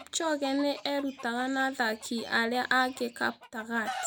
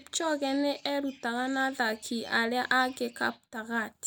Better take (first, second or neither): second